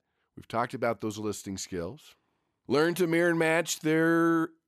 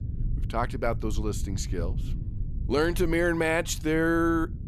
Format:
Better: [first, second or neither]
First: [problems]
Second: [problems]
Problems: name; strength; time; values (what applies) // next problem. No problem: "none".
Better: first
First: none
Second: low rumble; faint; throughout; 20 dB below the speech